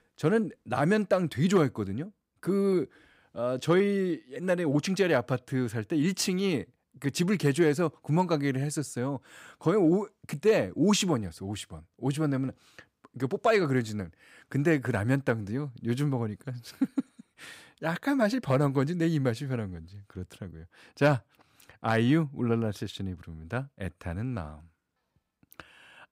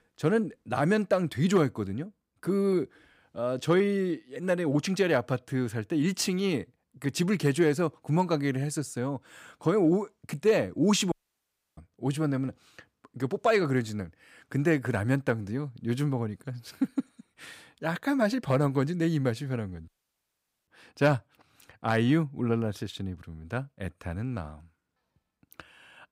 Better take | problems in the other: first | audio cutting out; at 11 s for 0.5 s and at 20 s for 1 s

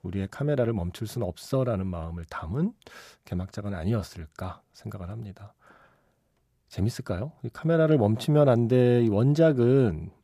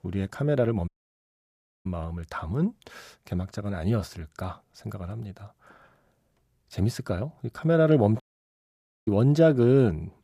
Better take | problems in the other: first | audio cutting out; at 1 s for 1 s and at 8 s for 1 s

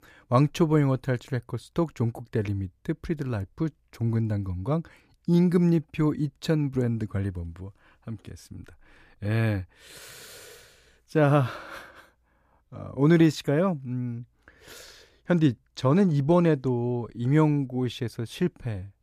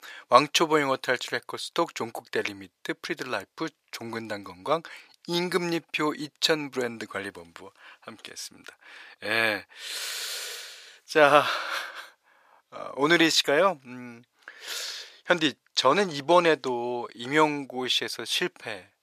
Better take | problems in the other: first | thin; very; fading below 650 Hz

